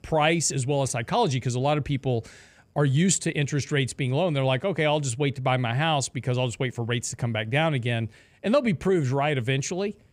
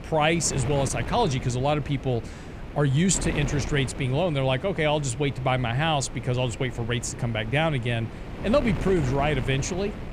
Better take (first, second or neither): first